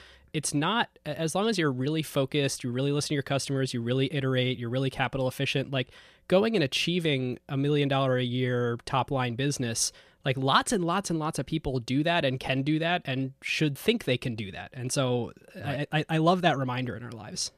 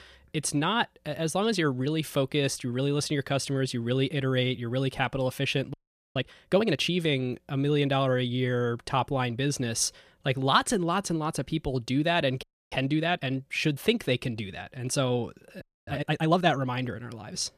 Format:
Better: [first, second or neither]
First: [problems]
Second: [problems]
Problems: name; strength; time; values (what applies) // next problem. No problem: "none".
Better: first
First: none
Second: audio freezing; at 5.5 s, at 12 s and at 16 s